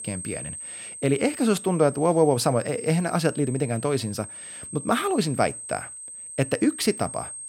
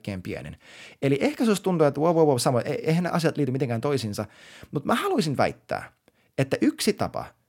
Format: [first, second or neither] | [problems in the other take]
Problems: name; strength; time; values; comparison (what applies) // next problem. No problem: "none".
second | high-pitched whine; noticeable; throughout; 8.5 kHz, 10 dB below the speech